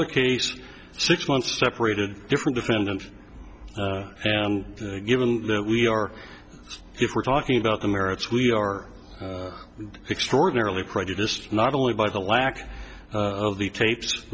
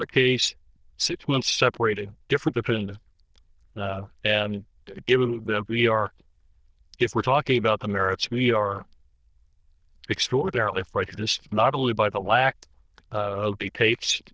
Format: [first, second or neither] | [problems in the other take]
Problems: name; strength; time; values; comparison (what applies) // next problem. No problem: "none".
first | noise reduction (neural diffusion model UNIVERSE++)